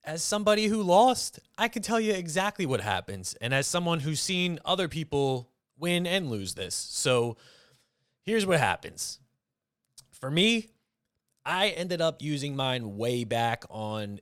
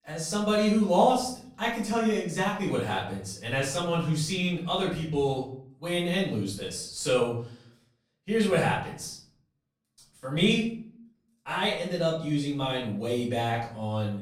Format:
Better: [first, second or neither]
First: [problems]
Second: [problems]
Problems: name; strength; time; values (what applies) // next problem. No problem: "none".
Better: first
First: none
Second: off-mic speech; far // room echo; noticeable; dies away in 0.5 s